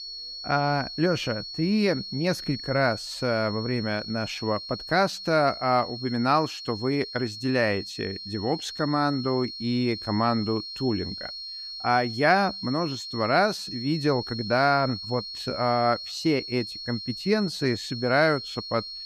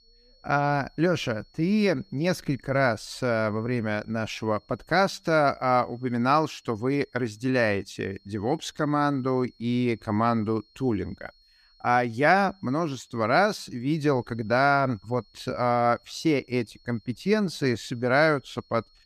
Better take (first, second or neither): second